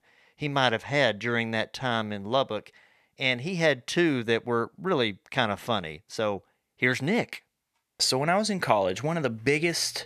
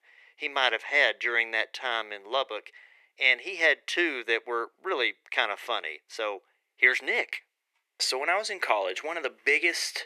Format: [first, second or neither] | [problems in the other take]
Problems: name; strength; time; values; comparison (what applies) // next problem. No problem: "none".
first | thin; very; fading below 350 Hz